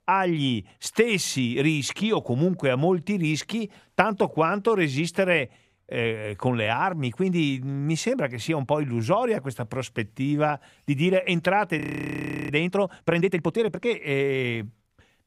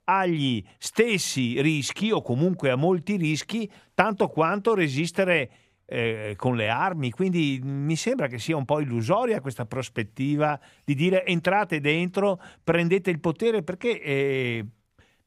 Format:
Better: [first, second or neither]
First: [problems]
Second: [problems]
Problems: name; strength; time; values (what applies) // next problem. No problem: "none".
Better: second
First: audio freezing; at 12 s for 0.5 s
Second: none